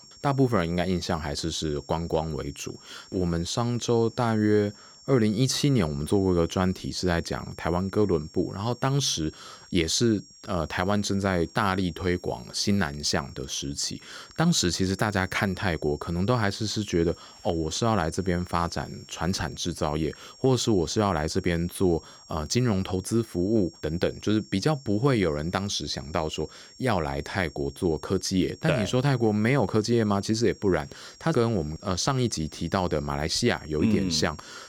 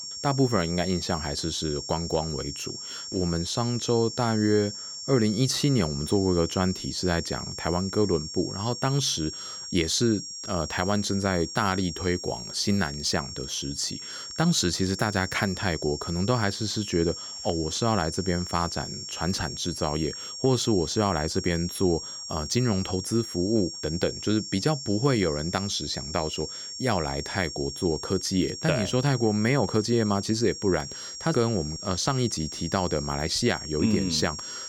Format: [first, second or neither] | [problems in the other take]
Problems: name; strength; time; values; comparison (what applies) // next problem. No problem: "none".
first | high-pitched whine; loud; throughout; 5.5 kHz, 8 dB below the speech; faint in the first